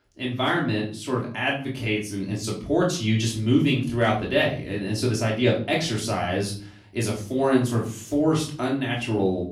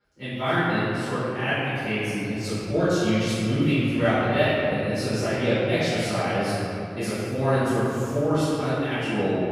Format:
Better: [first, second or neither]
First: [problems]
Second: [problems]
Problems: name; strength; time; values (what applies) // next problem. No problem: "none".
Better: first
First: room echo; slight; dies away in 0.4 s // off-mic speech; far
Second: room echo; strong; dies away in 2.8 s // off-mic speech; far